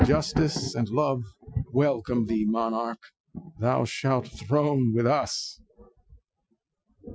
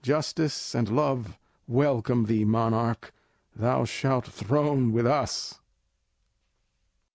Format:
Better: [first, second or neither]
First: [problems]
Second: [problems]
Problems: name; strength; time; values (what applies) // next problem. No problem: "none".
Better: second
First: noise reduction (classical method Wiener filter)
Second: none